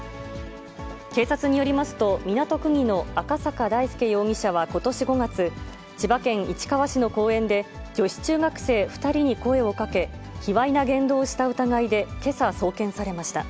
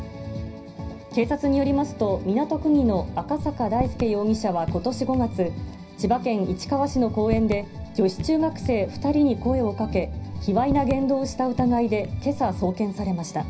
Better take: first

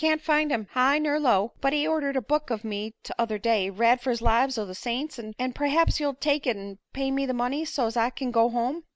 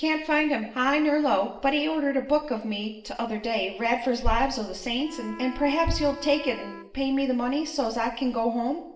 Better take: first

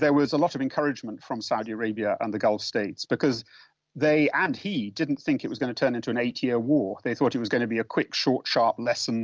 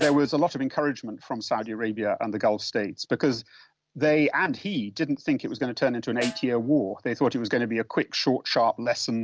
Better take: first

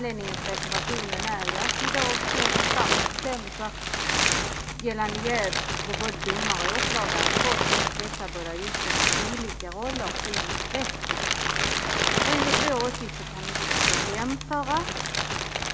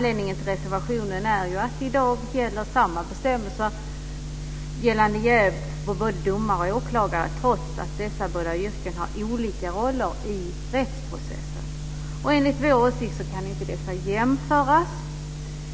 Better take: second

